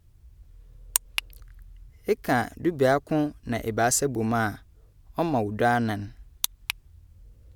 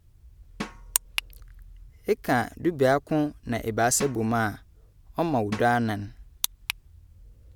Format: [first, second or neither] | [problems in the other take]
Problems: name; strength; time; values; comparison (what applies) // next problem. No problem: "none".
first | background sound (Drum); 16 dB below the speech